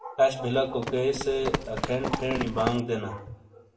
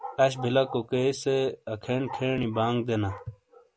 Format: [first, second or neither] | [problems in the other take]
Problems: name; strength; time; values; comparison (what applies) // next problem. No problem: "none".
second | background sound (Run); 5 dB below the speech // room echo; dies away in 0.6 s